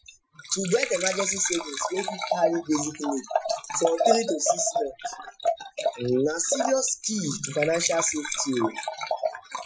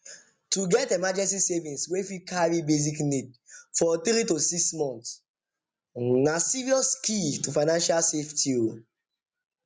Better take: second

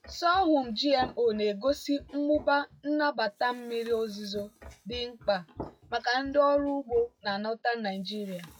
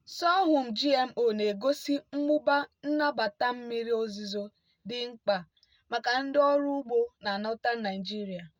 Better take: second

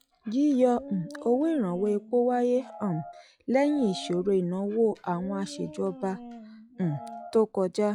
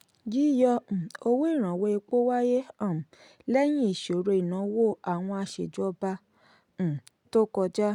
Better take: second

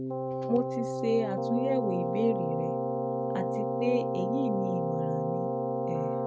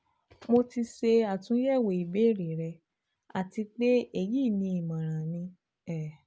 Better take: second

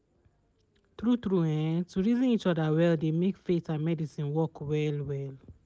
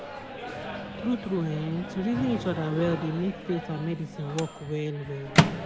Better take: first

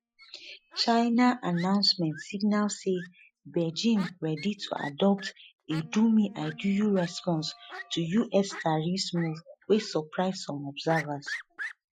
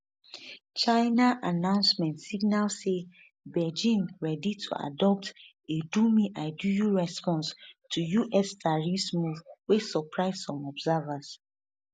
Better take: second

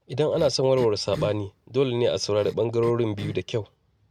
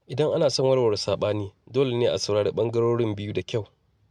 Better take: second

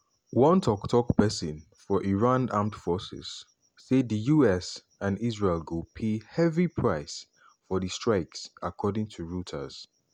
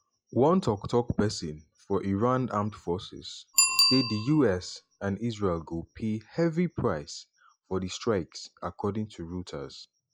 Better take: first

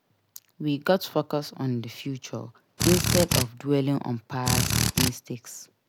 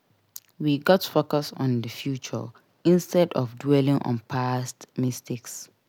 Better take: second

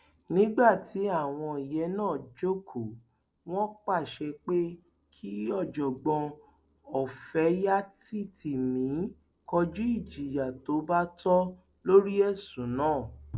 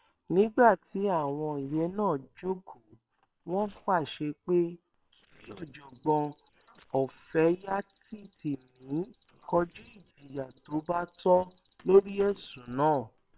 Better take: first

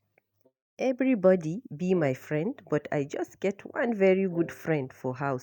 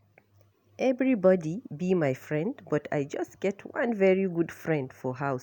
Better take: second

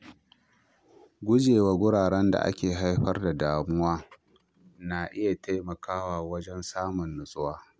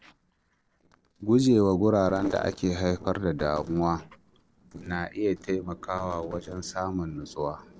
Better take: first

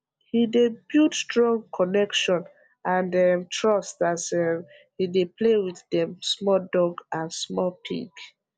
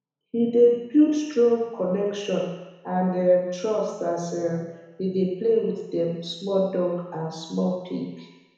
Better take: first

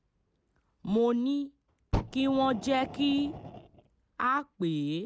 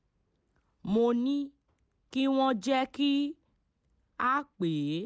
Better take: second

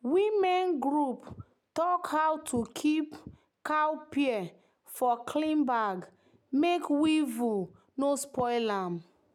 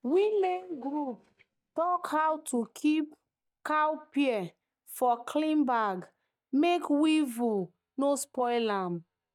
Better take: first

